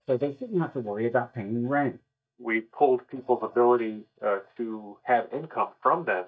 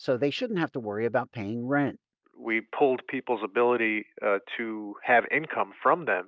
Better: second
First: noise reduction (neural mask model DeepFilterNet 3)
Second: none

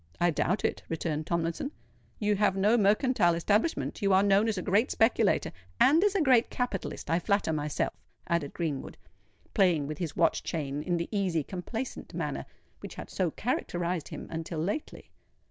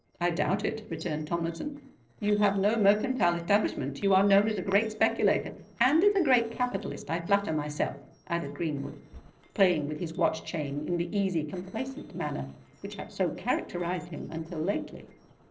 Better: first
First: none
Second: noise reduction (neural separator model SepFormer DNS4)

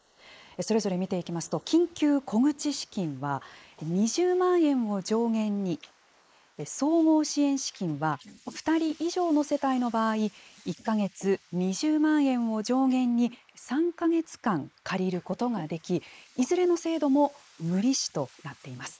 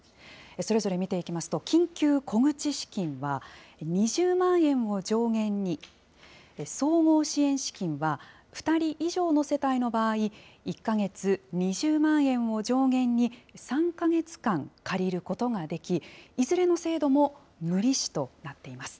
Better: second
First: noise reduction (neural mask model Resemble Enhance denoiser)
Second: none

